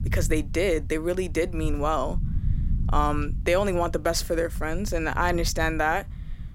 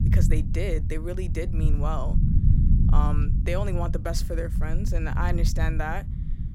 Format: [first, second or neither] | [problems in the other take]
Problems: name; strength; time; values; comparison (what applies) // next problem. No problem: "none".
first | low rumble; loud; throughout; 6 dB below the speech; faint in the first